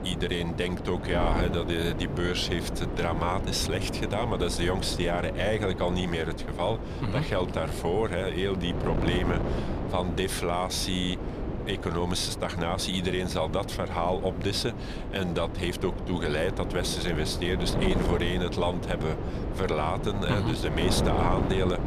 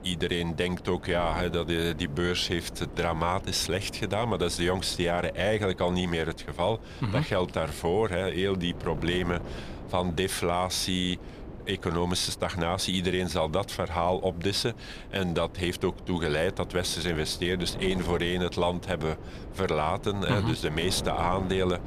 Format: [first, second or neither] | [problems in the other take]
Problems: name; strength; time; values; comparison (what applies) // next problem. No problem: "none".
second | wind noise on the microphone; heavy; 7 dB below the speech; occasional gusts in the second